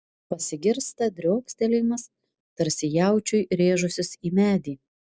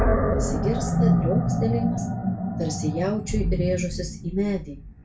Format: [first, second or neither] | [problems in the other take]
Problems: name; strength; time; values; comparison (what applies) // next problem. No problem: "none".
first | background sound (Animal); 4 dB above the speech // room echo; dies away in 0.2 s